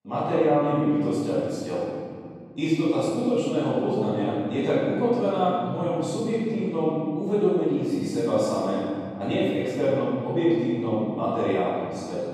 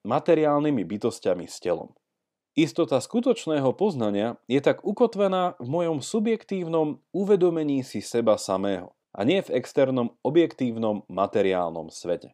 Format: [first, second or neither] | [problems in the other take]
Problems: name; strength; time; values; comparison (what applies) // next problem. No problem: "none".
second | off-mic speech; far // room echo; strong; dies away in 2.5 s